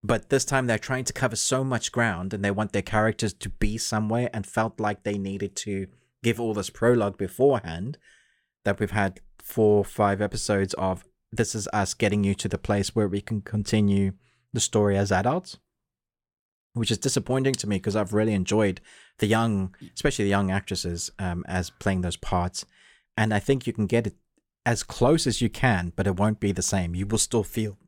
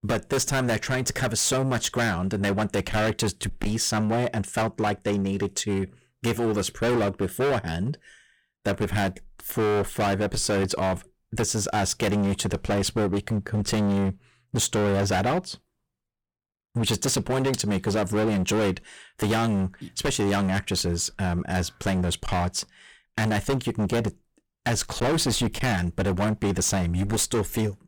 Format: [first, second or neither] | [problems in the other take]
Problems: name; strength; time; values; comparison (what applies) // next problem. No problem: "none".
first | distortion; heavy; 21% of the sound clipped